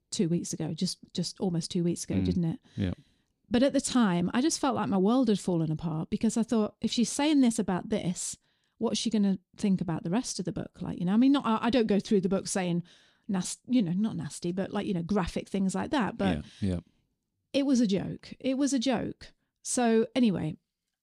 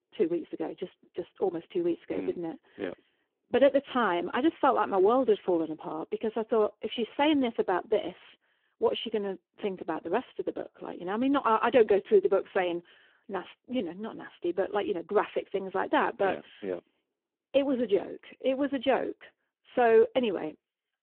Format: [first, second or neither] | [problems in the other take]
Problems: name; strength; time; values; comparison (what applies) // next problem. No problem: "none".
first | phone-call audio; poor line